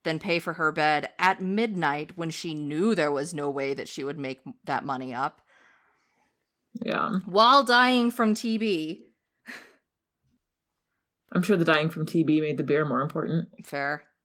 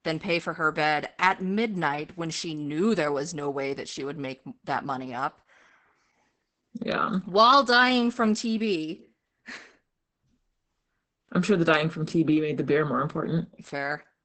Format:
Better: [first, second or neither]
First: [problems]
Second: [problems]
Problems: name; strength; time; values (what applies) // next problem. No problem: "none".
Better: first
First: garbled, watery; slightly; nothing above 17.5 kHz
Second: garbled, watery; badly; nothing above 8 kHz